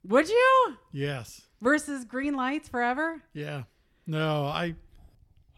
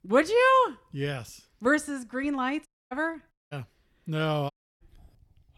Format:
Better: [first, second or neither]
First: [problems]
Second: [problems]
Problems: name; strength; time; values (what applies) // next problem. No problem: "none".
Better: first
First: none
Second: audio cutting out; at 2.5 s, at 3.5 s and at 4.5 s